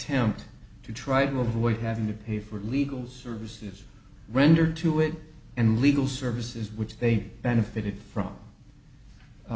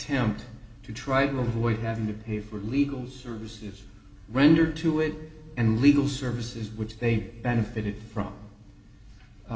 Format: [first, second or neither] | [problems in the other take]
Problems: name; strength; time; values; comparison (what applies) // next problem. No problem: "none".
first | room echo; dies away in 1.4 s